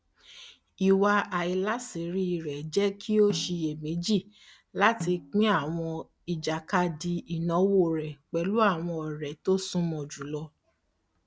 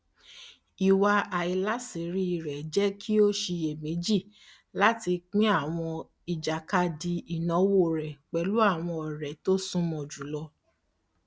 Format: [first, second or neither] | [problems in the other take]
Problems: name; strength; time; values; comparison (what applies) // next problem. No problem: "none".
second | background sound (Snare drum); 15 dB below the speech